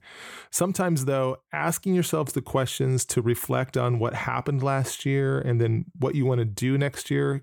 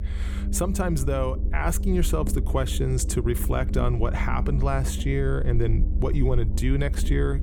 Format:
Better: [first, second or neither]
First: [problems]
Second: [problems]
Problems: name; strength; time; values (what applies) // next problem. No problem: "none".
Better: first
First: none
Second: low rumble; noticeable; throughout; 10 dB below the speech